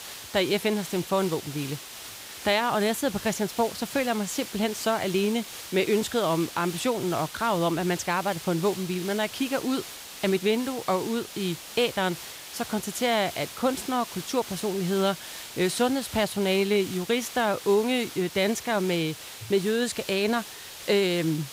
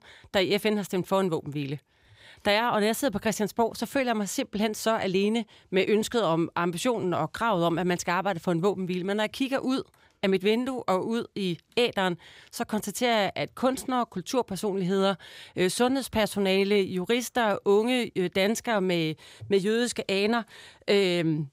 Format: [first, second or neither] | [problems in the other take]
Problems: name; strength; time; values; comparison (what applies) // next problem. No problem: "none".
second | hiss; noticeable; throughout; 10 dB below the speech